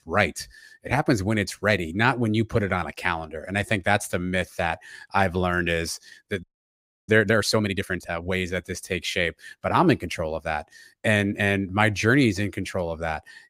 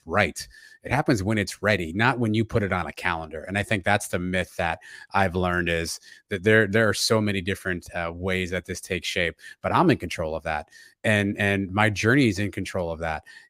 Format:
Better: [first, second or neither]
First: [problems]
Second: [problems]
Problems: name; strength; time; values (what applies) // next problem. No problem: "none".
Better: second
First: audio freezing; at 6.5 s for 0.5 s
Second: none